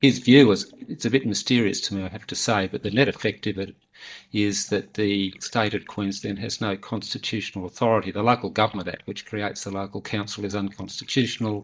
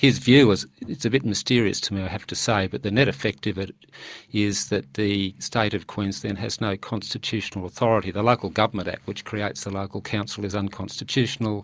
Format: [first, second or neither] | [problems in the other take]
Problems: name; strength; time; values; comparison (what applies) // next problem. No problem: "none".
second | noise reduction (neural mask model DeepFilterNet 3)